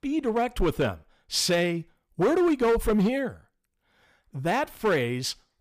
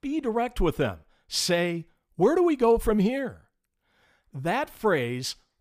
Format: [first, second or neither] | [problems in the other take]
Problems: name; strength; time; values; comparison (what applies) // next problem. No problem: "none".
second | distortion; slight; 6% of the sound clipped